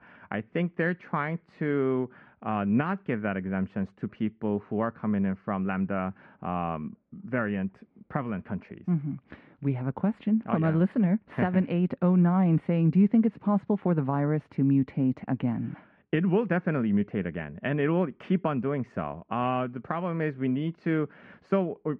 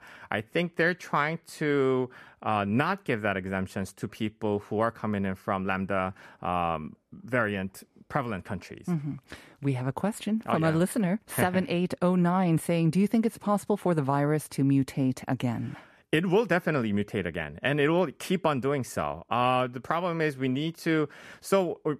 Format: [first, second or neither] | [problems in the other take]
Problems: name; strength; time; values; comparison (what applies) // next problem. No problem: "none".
second | muffled; very; fading above 2.5 kHz